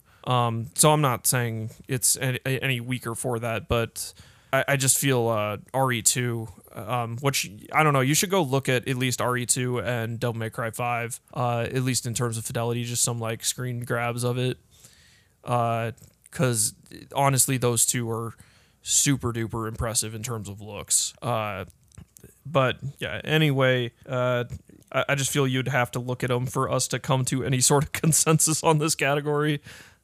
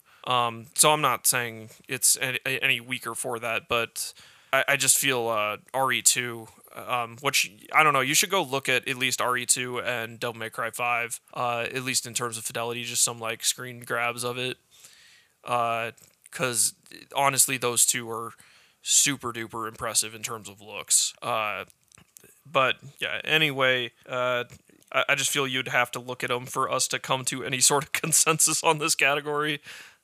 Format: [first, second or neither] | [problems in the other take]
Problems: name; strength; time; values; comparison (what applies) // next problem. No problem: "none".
first | thin; somewhat; fading below 1 kHz